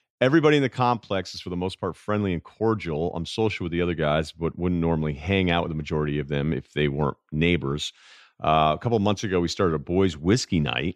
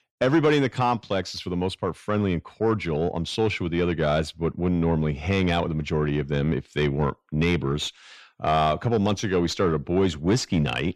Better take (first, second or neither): first